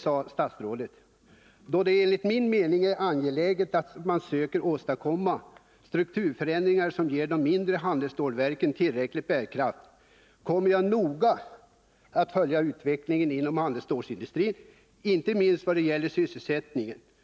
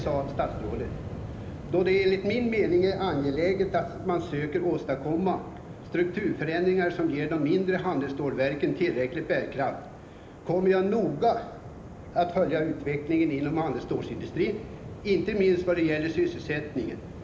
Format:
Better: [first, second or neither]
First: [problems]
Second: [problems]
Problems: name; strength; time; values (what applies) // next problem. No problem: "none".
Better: first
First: none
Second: background sound (Waves, surf); 13 dB below the speech // room echo; dies away in 0.8 s